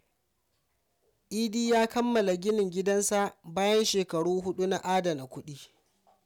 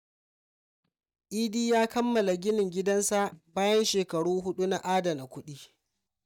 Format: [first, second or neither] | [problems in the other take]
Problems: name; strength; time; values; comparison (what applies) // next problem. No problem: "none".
first | noise reduction (neural mask model DeepFilterNet 3)